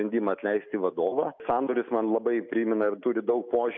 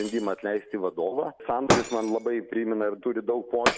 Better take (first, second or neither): first